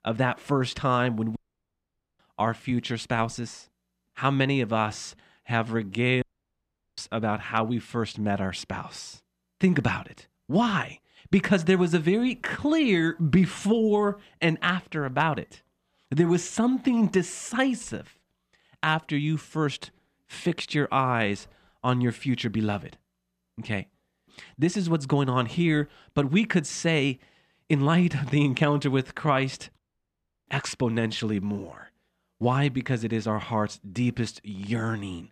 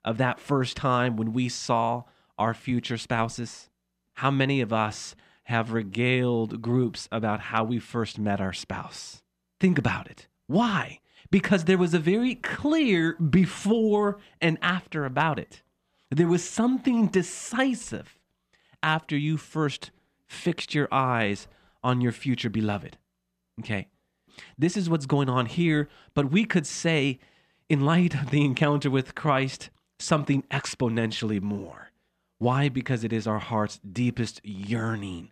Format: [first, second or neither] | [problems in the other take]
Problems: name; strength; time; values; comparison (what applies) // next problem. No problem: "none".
second | audio cutting out; at 1.5 s for 1 s, at 6 s for 1 s and at 30 s for 0.5 s